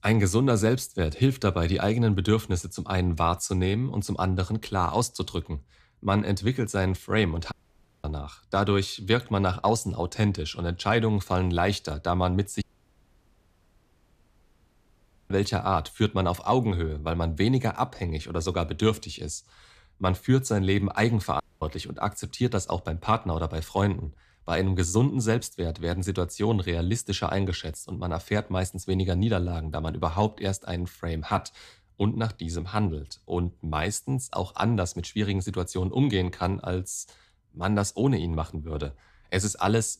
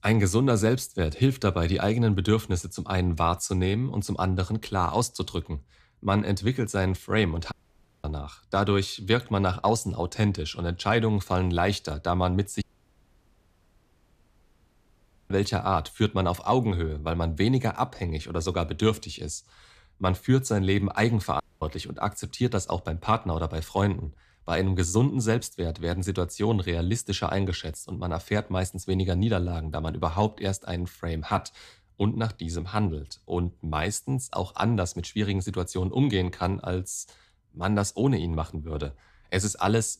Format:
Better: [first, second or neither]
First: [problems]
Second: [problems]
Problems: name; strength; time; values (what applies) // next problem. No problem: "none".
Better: neither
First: audio cutting out; at 7.5 s for 0.5 s, at 13 s for 2.5 s and at 21 s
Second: audio cutting out; at 7.5 s for 0.5 s, at 13 s for 2.5 s and at 21 s